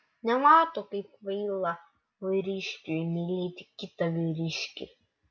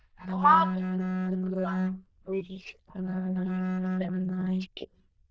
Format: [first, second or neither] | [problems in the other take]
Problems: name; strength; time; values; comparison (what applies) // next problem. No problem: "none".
first | noise reduction (neural diffusion model UNIVERSE++)